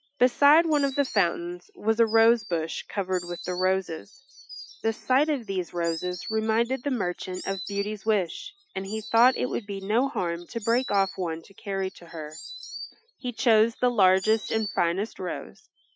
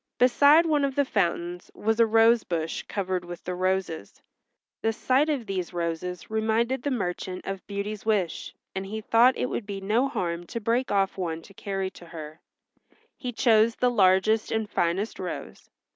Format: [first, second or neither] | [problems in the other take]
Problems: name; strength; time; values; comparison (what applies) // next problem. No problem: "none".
second | noise reduction (classical method Wiener filter)